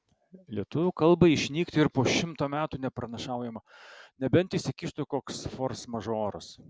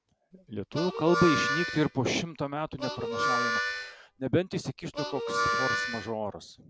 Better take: first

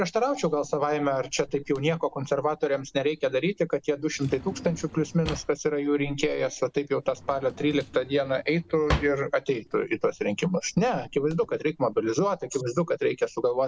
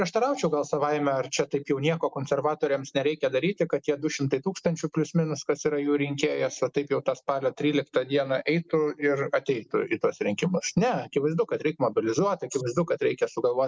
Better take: second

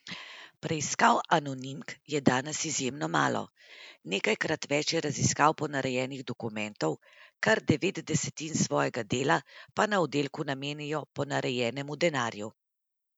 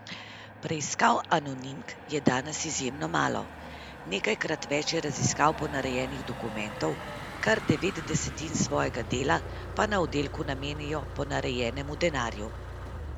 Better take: first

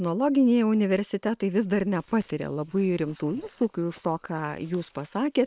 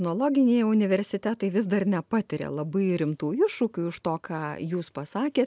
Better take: second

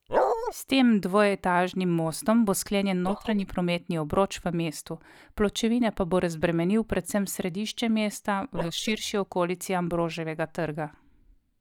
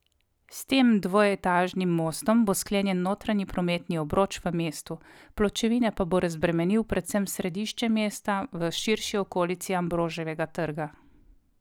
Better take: second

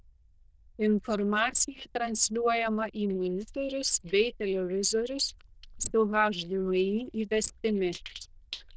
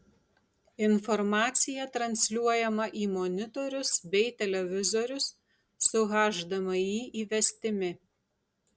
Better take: second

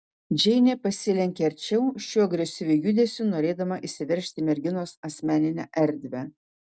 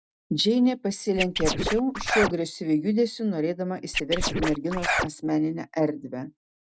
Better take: first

